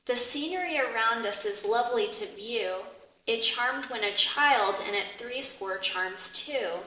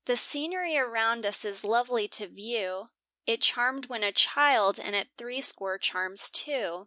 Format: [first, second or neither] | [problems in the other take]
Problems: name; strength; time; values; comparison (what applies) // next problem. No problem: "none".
second | noise reduction (neural separator model SepFormer DNS4)